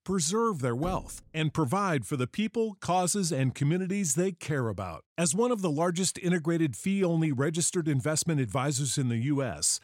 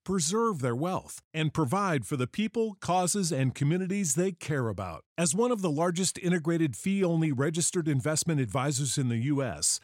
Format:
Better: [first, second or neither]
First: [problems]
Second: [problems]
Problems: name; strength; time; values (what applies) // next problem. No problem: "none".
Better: second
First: door banging; faint; at 1 s; peak 15 dB below the speech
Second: none